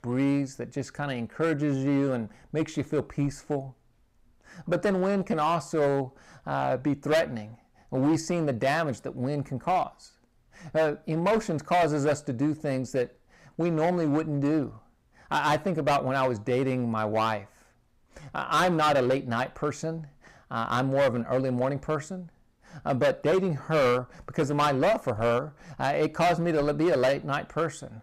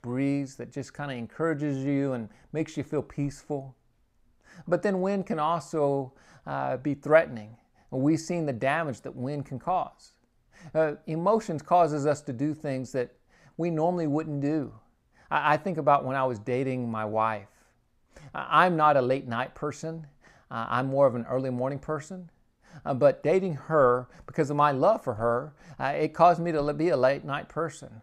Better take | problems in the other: second | distortion; heavy; 8% of the sound clipped

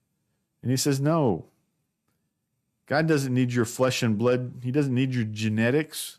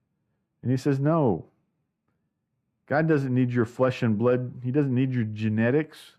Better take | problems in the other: first | muffled; very; fading above 3.5 kHz

